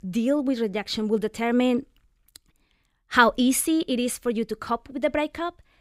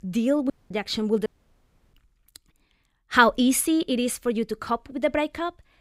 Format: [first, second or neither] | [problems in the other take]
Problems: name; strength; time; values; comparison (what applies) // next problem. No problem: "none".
first | audio cutting out; at 0.5 s and at 1.5 s for 0.5 s